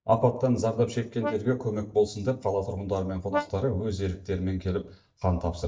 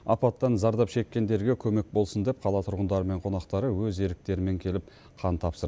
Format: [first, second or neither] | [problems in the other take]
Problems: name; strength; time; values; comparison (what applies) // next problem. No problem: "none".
second | noise reduction (neural mask model DeepFilterNet 3)